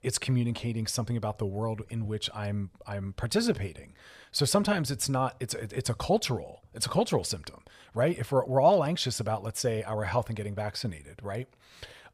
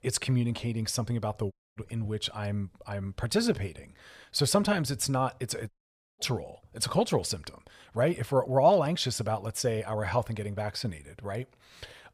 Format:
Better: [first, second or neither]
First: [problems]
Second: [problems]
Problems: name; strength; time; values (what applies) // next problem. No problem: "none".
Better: first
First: none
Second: audio cutting out; at 1.5 s and at 5.5 s